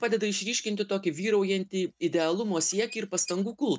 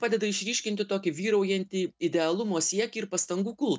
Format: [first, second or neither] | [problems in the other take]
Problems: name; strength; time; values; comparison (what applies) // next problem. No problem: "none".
second | background sound (Squeak / Dishes, pots, and pans); 18 dB below the speech